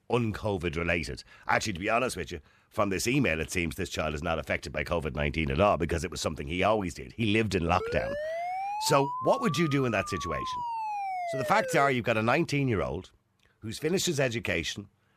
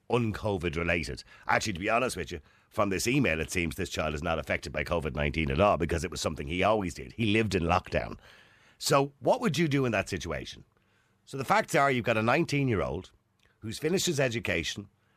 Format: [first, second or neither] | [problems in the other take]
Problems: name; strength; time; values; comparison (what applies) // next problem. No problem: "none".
second | siren; noticeable; from 8 to 12 s; peak 4 dB below the speech